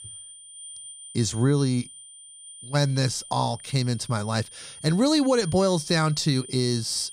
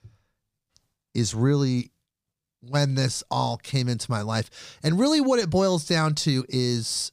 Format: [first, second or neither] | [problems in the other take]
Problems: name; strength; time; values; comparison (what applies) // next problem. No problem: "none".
second | high-pitched whine; noticeable; throughout; 9 kHz, 15 dB below the speech